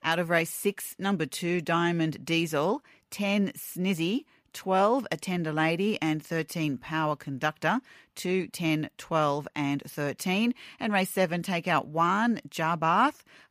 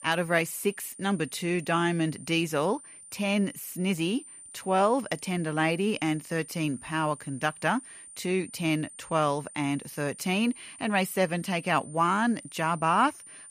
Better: first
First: none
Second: high-pitched whine; noticeable; throughout; 9 kHz, 15 dB below the speech

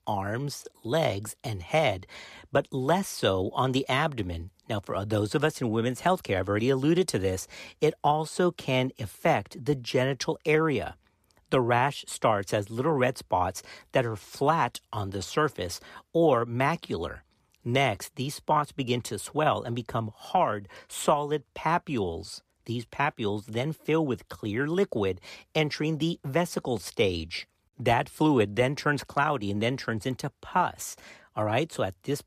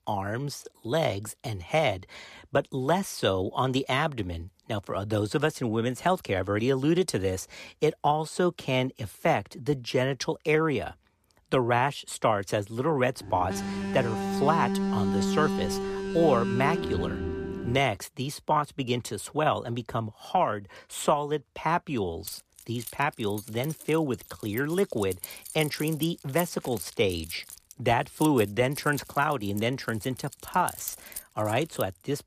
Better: first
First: none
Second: alarm; loud; from 13 to 18 s; peak 1 dB above the speech // jangling keys; noticeable; from 22 s on; peak 8 dB below the speech

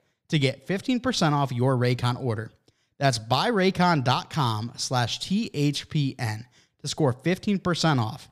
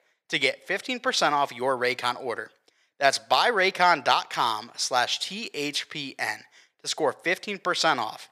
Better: first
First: none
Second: thin; very; fading below 550 Hz

